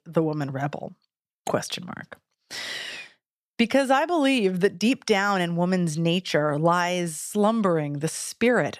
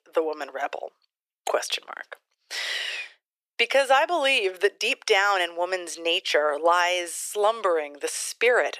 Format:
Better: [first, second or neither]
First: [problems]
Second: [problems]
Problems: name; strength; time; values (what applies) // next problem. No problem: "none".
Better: first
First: none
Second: thin; very; fading below 400 Hz